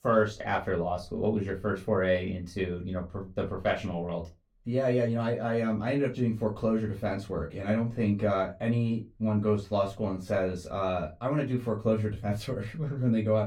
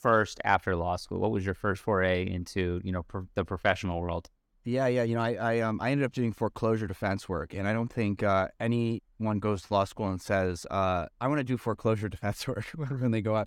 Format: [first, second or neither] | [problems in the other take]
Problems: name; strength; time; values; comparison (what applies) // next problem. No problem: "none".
second | off-mic speech; far // room echo; very slight; dies away in 0.2 s